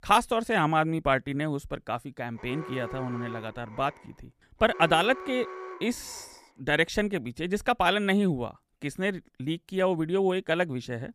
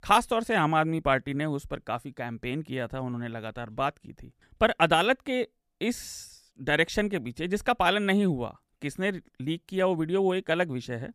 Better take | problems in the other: second | alarm; faint; from 2.5 to 6.5 s; peak 10 dB below the speech

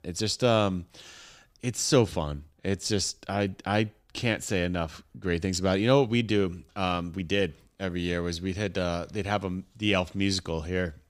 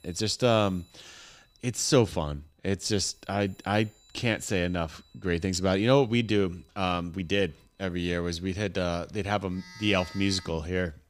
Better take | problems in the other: first | alarms or sirens; faint; throughout; 25 dB below the speech

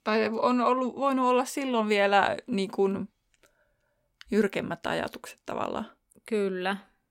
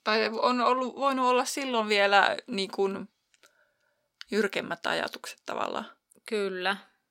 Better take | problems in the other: first | thin; very slightly; fading below 700 Hz

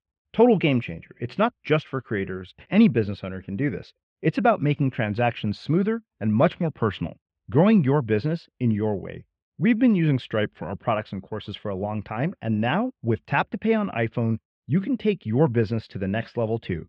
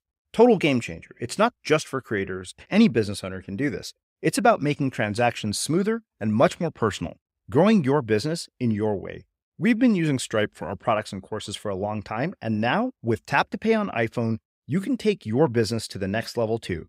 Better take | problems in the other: second | muffled; slightly; fading above 3 kHz

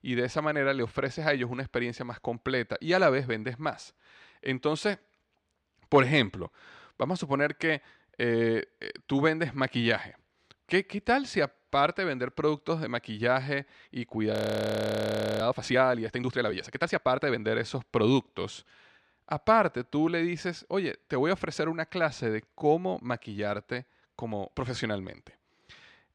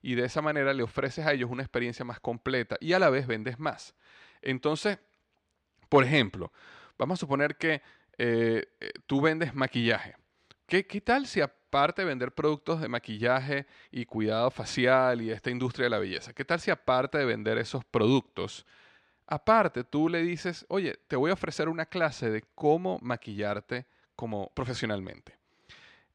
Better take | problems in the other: second | audio freezing; at 14 s for 1 s

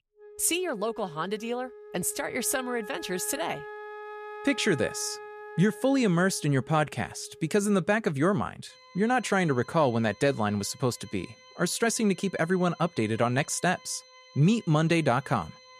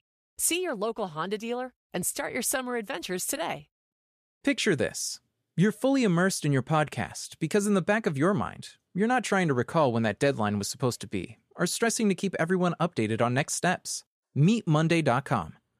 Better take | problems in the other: second | background music; noticeable; throughout; 20 dB below the speech

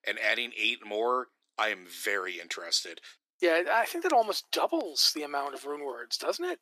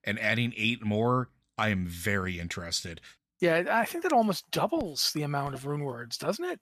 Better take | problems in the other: second | thin; very; fading below 350 Hz

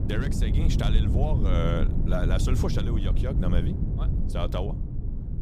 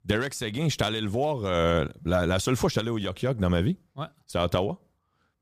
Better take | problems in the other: second | low rumble; loud; throughout; 5 dB below the speech

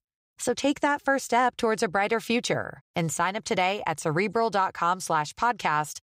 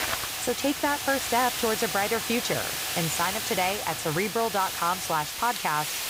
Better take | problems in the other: first | hiss; loud; throughout; 2 dB below the speech

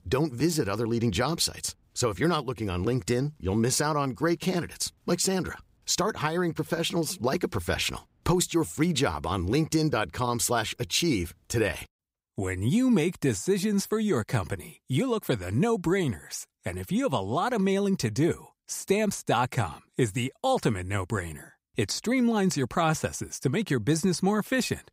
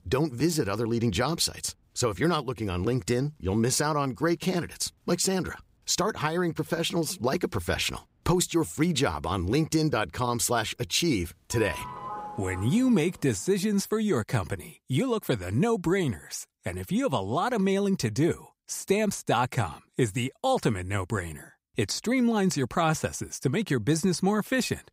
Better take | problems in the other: first | doorbell; noticeable; from 12 to 13 s; peak 10 dB below the speech

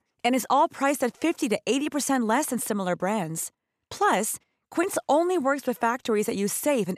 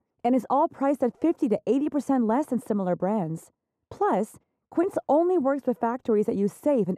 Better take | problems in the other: first | muffled; very; fading above 1.5 kHz

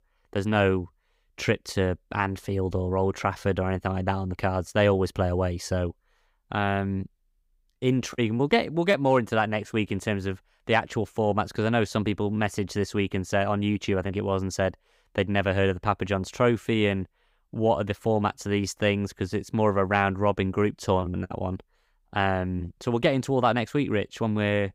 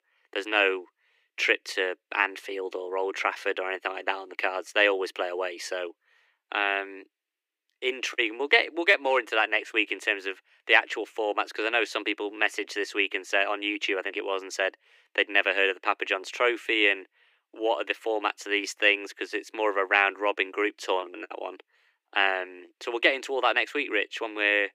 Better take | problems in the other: first | thin; very; fading below 300 Hz

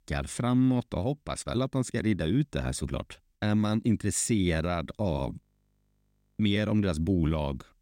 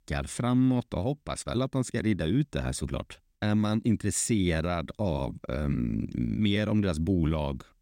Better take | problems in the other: second | audio freezing; at 5.5 s for 1 s

